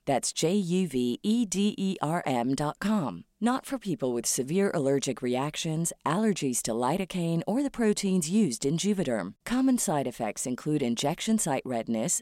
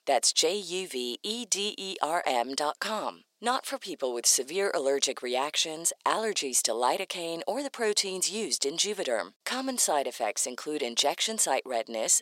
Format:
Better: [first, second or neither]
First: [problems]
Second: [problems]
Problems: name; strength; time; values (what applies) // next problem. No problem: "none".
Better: first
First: none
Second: thin; very; fading below 450 Hz